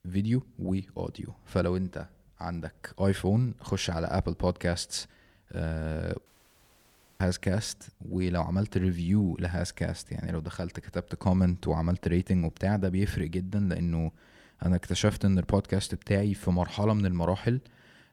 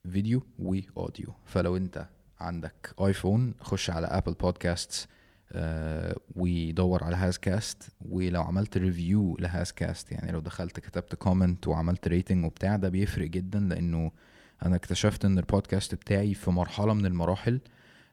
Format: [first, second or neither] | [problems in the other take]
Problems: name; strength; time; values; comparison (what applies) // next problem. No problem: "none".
second | audio cutting out; at 6.5 s for 1 s